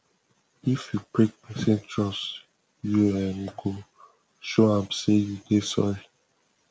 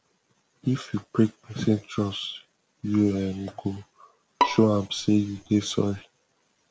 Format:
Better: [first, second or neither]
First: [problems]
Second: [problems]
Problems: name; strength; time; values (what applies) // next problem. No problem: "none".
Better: first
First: none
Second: background sound (Bowed string instrument); 5 dB below the speech